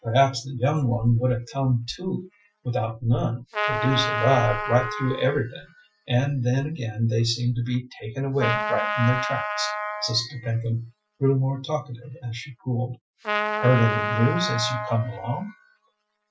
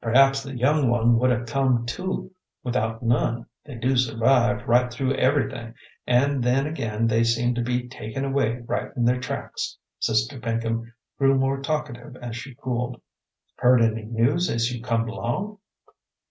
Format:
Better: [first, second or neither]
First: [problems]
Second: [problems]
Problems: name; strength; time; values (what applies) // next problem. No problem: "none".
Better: second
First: noise reduction (classical method Wiener filter)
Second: none